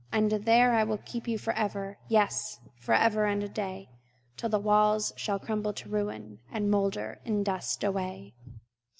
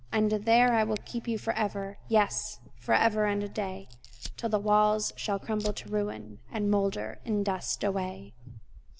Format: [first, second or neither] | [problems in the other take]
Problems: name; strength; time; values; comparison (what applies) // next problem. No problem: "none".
first | background sound (Fire); 16 dB below the speech